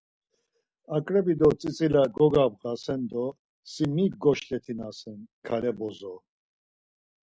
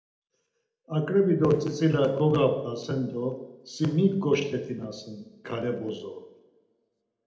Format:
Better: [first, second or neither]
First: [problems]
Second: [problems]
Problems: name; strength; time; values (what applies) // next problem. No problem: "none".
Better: first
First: none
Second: room echo; dies away in 0.7 s